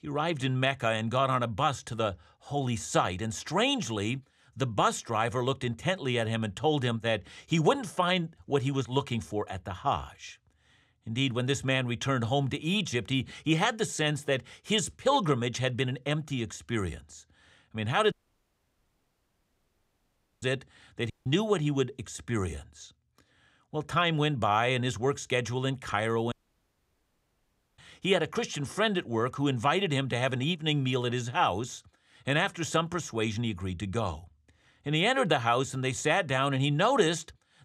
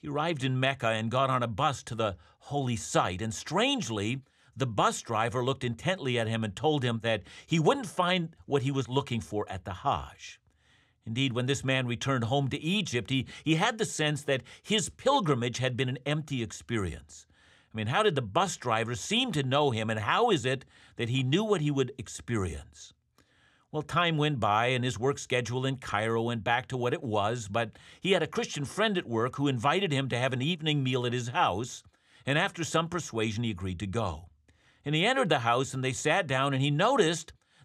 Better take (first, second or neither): second